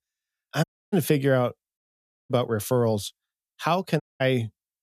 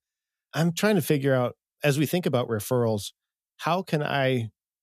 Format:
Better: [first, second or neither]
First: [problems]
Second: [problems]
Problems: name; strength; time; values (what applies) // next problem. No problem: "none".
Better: second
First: audio cutting out; at 0.5 s, at 2 s for 0.5 s and at 4 s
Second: none